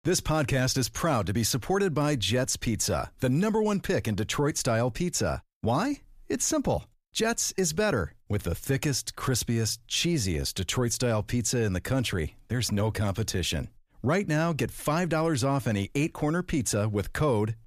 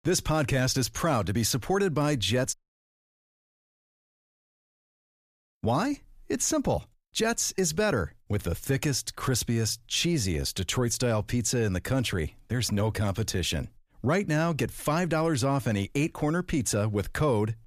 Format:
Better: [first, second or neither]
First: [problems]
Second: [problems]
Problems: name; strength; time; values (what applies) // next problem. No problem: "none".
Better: first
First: none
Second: audio cutting out; at 2.5 s for 3 s